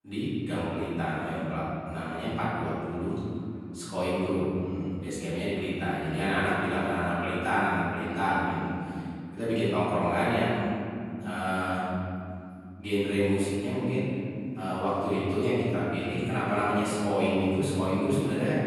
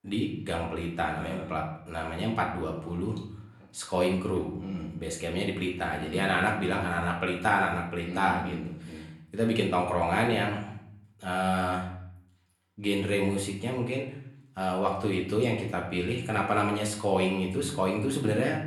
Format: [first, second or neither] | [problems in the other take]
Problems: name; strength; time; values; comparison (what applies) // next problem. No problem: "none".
second | room echo; strong; dies away in 3 s; slight in the second // off-mic speech; far; far in the second